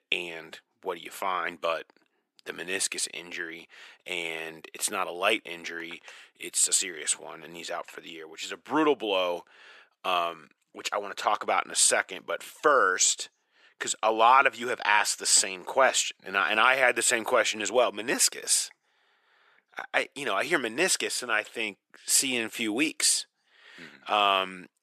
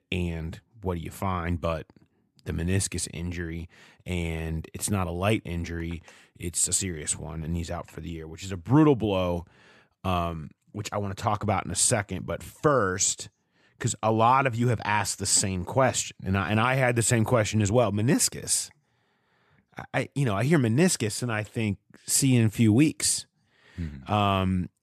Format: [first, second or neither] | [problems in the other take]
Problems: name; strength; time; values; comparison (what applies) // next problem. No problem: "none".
second | thin; very; fading below 400 Hz